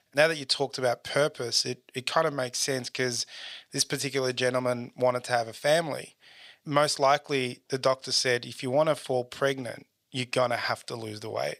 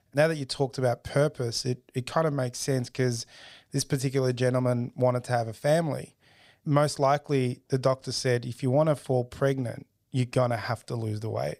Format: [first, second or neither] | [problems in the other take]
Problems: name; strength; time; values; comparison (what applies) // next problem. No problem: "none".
second | thin; somewhat; fading below 1 kHz